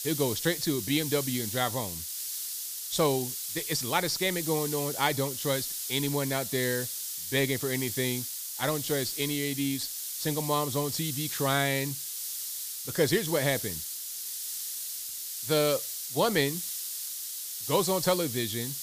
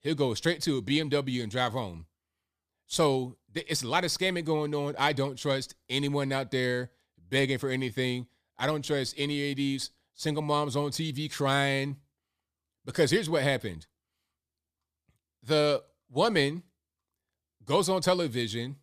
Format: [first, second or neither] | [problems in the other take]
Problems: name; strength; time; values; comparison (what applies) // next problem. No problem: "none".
second | hiss; loud; throughout; 4 dB below the speech